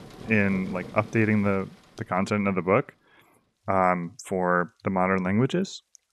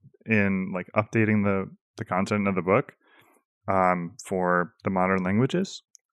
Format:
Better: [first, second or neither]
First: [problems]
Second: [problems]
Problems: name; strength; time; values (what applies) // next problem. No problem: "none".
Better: second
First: rain or running water; noticeable; throughout; 20 dB below the speech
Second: none